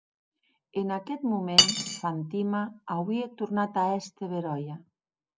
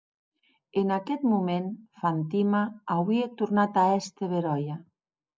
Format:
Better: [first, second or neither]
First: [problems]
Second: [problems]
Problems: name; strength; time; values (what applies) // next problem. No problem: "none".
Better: second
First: background sound (Cutlery, silverware); 2 dB above the speech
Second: none